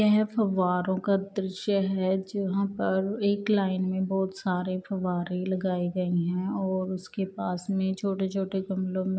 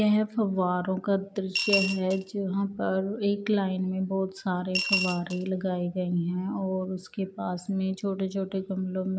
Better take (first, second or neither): first